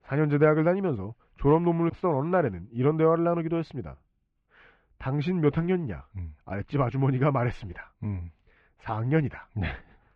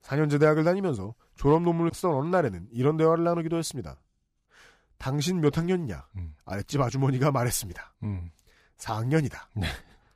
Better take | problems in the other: second | muffled; very; fading above 2.5 kHz

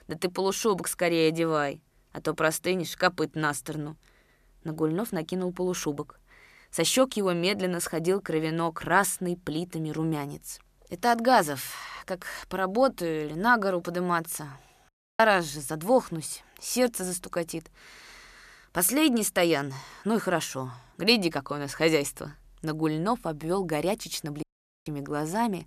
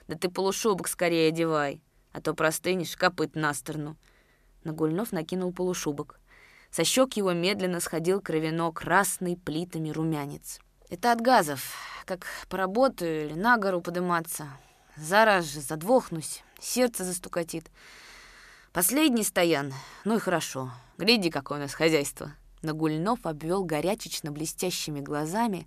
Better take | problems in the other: second | audio cutting out; at 15 s and at 24 s

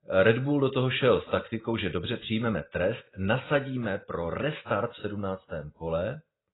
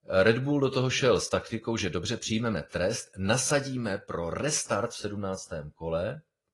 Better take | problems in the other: second | garbled, watery; badly; nothing above 4 kHz; slightly in the second

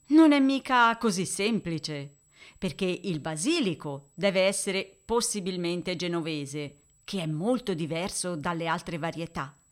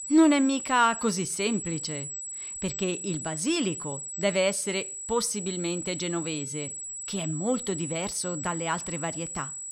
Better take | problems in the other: first | high-pitched whine; loud; throughout; 8 kHz, 6 dB below the speech; faint in the first

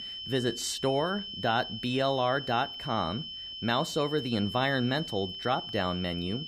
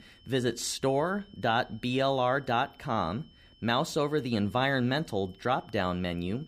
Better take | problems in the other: second | high-pitched whine; loud; throughout; 3 kHz, 7 dB below the speech; faint in the second

